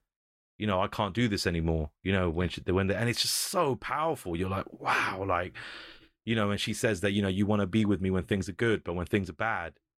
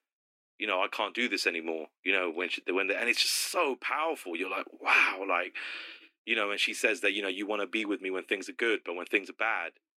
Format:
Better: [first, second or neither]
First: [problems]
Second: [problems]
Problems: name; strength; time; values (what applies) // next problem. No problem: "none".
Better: first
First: none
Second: thin; somewhat; fading below 250 Hz